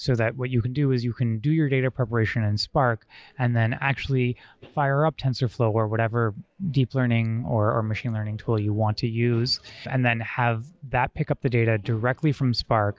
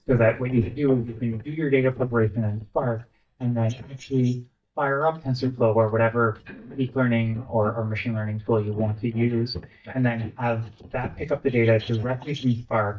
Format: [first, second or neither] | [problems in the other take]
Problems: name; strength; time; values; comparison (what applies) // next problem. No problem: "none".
first | noise reduction (neural mask model DeepFilterNet 3)